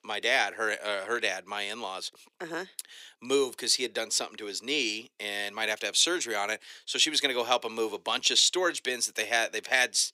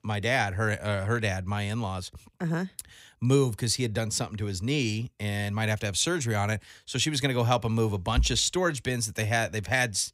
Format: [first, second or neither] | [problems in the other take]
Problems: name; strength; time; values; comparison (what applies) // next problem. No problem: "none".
second | thin; very; fading below 350 Hz